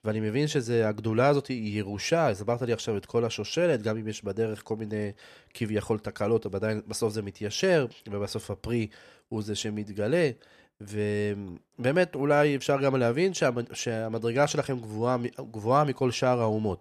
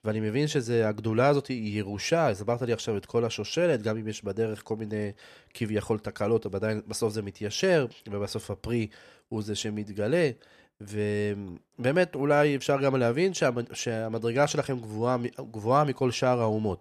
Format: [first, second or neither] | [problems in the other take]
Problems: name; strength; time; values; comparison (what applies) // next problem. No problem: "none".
neither | none